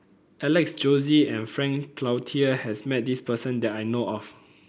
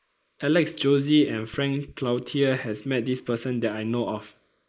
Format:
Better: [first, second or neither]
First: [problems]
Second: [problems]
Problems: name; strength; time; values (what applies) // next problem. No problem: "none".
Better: first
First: none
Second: noise reduction (neural mask model Resemble Enhance denoiser)